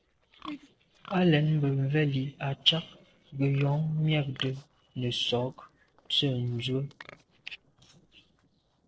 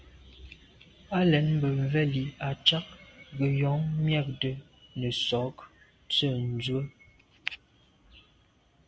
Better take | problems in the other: second | noise reduction (neural separator model SepFormer DNS4)

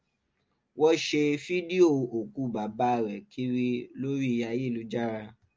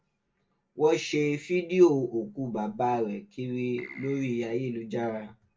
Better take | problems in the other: first | background sound (Keyboard (musical)); 17 dB below the speech // room echo; dies away in 0.2 s

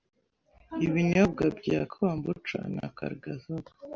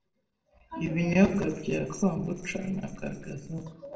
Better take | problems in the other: first | noise reduction (neural separator model SepFormer DNS4)

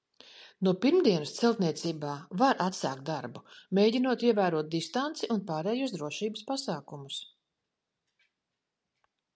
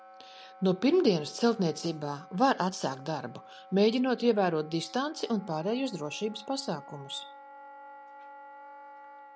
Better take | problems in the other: first | background sound (Wind instrument, woodwind instrument); 20 dB below the speech

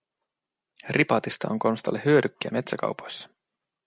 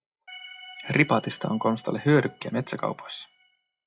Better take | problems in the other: first | noise reduction (classical method WPE with log-MMSE)

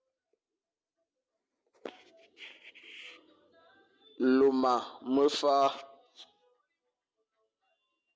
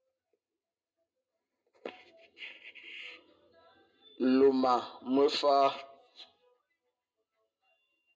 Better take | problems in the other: first | room echo; dies away in 0.2 s

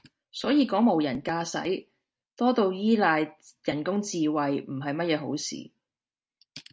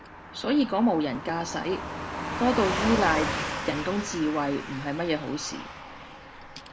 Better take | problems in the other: first | background sound (Car passing by / Truck); 5 dB below the speech

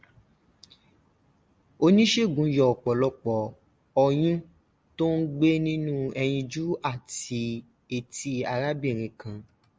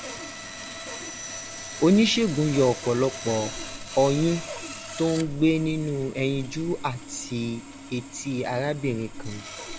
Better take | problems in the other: first | background sound (Sawing); 11 dB below the speech

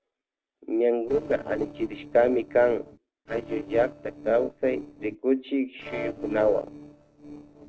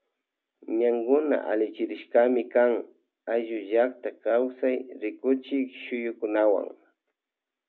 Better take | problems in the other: second | noise reduction (neural separator model SepFormer DNS4)

